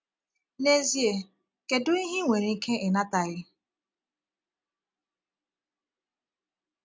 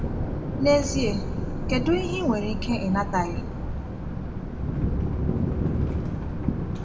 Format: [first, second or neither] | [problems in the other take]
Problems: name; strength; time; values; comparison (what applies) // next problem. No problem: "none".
first | background sound (Thunder); 2 dB above the speech // room echo; dies away in 0.9 s